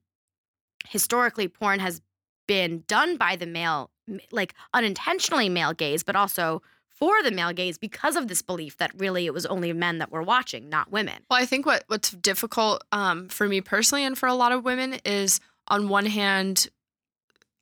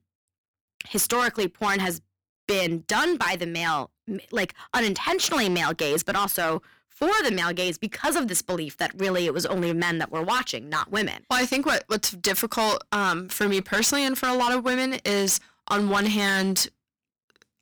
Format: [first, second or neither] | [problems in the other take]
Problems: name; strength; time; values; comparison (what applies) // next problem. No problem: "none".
first | distortion; heavy; 12% of the sound clipped